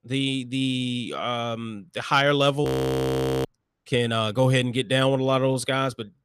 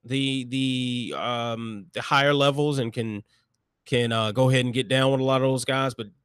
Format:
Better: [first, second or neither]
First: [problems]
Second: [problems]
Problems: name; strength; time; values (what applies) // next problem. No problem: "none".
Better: second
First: audio freezing; at 2.5 s for 1 s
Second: none